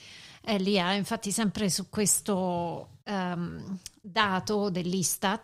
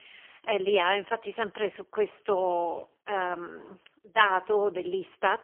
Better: first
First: none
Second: phone-call audio; poor line; nothing above 3 kHz

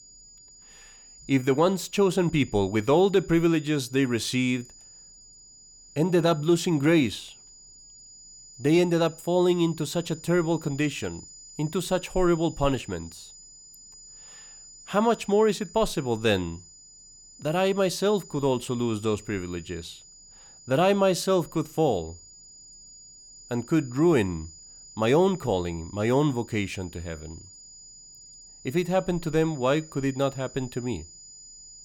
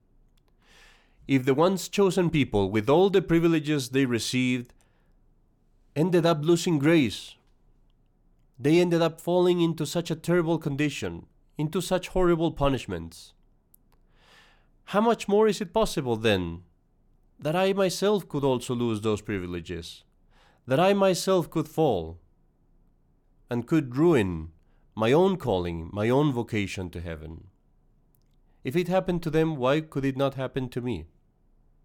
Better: second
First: high-pitched whine; faint; throughout; 7 kHz, 20 dB below the speech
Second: none

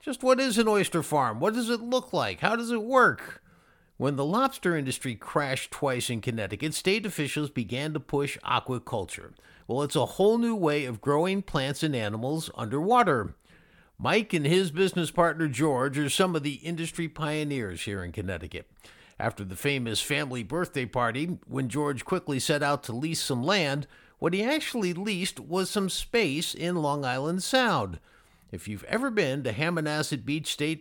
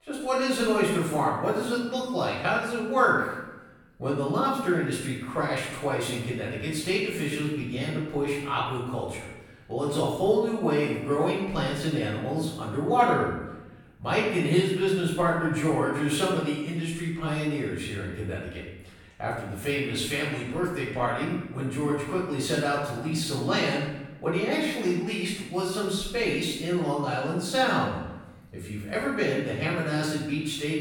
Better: first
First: none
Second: off-mic speech; far // room echo; noticeable; dies away in 0.9 s

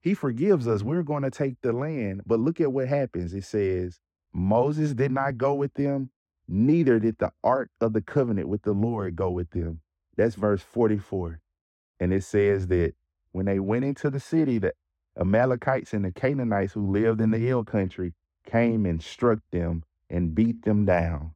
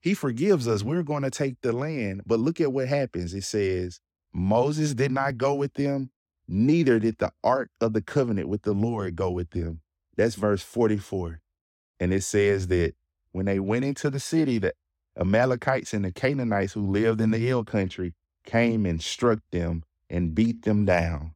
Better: second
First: muffled; slightly; fading above 2.5 kHz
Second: none

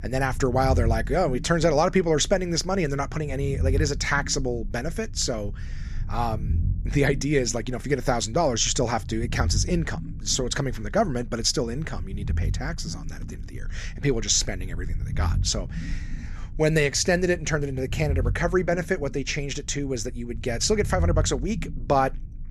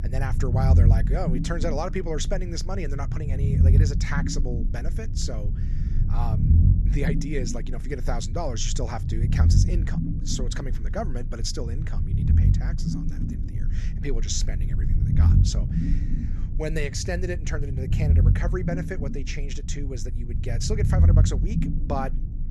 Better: first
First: low rumble; faint; throughout; 20 dB below the speech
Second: low rumble; loud; throughout; 5 dB below the speech

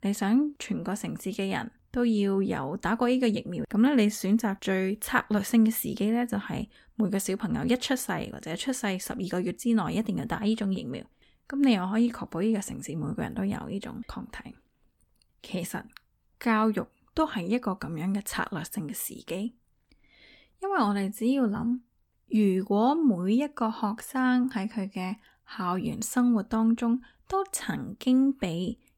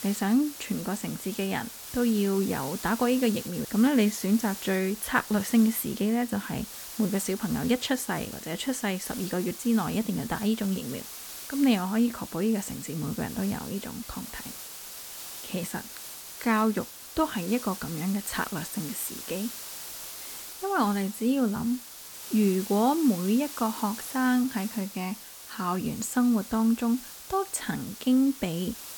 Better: first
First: none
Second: hiss; noticeable; throughout; 10 dB below the speech

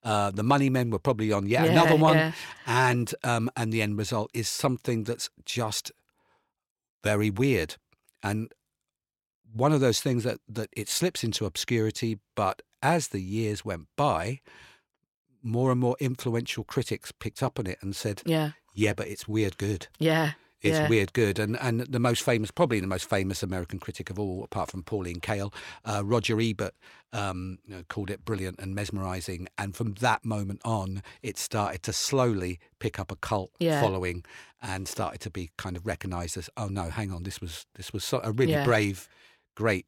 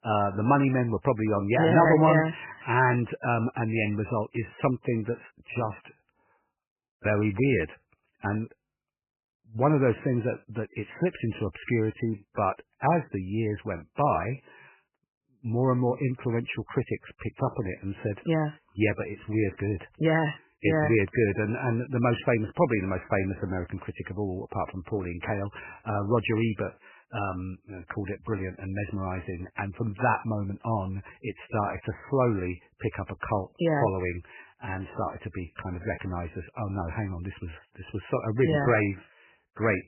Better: first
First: none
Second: garbled, watery; badly; nothing above 3 kHz

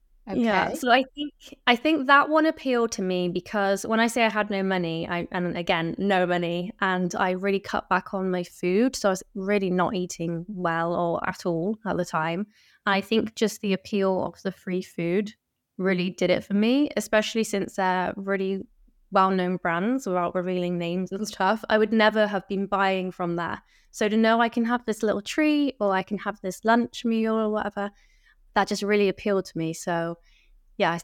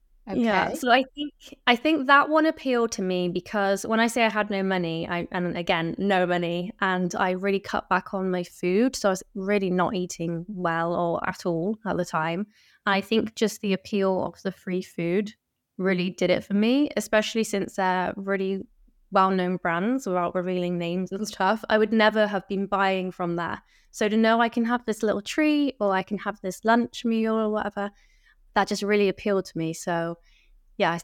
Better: neither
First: none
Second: none

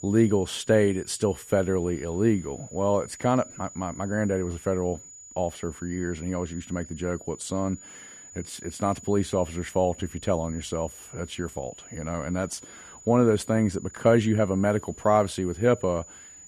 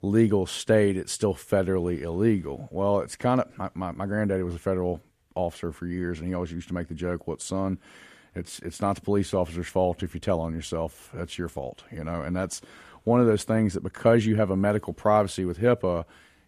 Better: second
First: high-pitched whine; noticeable; throughout; 7 kHz, 20 dB below the speech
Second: none

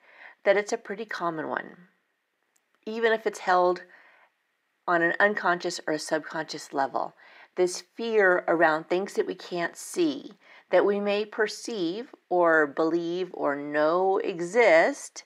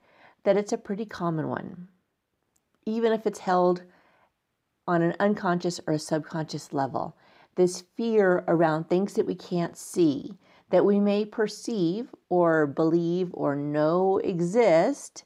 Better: second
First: thin; somewhat; fading below 350 Hz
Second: none

